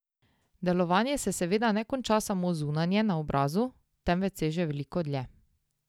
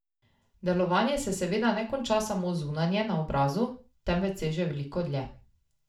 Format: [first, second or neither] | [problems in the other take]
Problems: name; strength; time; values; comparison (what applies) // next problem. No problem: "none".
first | room echo; dies away in 0.3 s